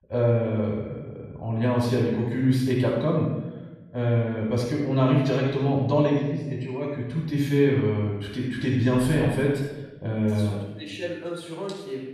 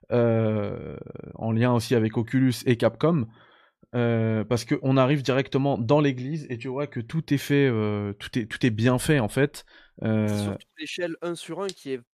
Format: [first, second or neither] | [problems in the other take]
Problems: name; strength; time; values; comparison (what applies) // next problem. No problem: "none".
second | off-mic speech; far // room echo; noticeable; dies away in 0.9 s